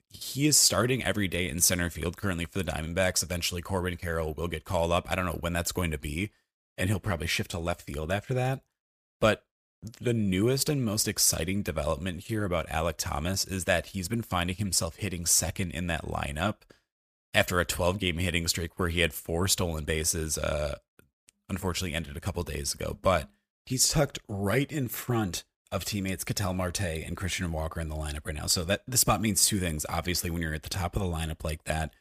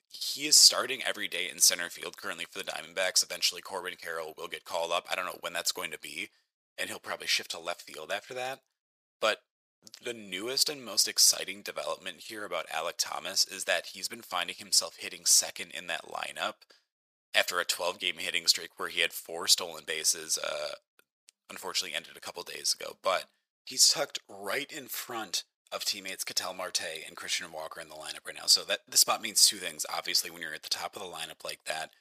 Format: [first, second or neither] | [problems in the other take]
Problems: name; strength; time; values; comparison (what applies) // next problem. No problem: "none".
first | thin; very; fading below 550 Hz